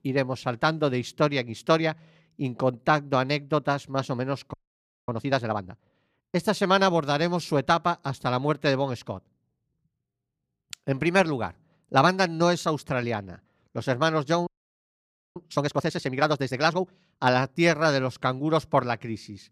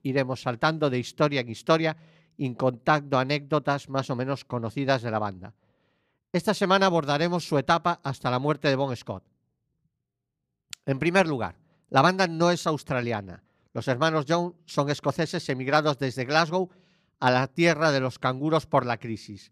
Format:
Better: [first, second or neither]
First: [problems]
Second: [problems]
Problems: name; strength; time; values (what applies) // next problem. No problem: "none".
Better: second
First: audio freezing; at 4.5 s for 0.5 s and at 14 s for 1 s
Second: none